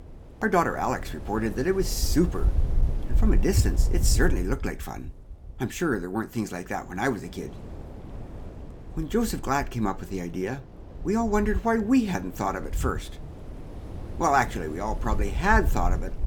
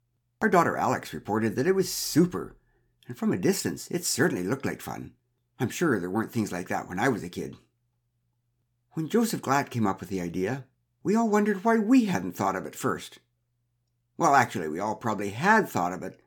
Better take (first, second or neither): second